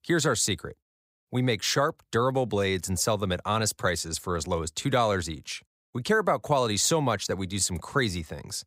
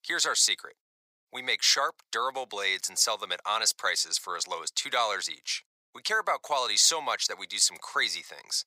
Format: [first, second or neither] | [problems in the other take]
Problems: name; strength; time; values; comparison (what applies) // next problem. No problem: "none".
first | thin; very; fading below 900 Hz